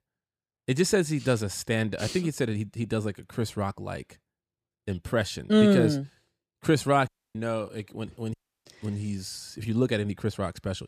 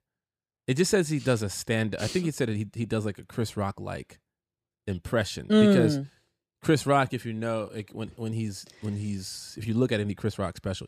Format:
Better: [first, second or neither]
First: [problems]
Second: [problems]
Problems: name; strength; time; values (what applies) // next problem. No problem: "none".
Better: second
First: audio cutting out; at 7 s and at 8.5 s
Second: none